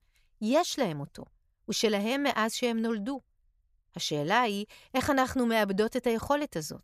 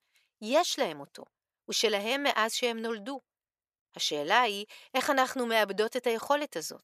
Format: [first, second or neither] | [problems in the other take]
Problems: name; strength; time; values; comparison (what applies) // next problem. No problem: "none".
first | thin; somewhat; fading below 400 Hz